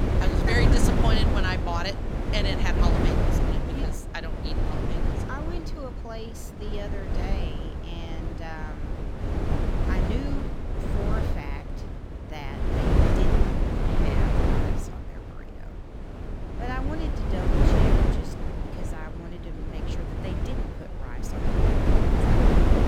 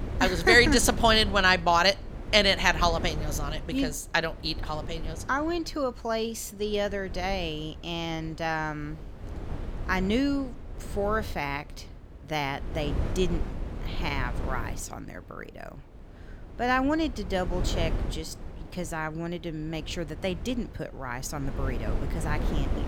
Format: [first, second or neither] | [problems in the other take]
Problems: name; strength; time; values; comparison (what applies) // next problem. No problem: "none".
second | wind noise on the microphone; heavy; 2 dB above the speech; occasional gusts in the second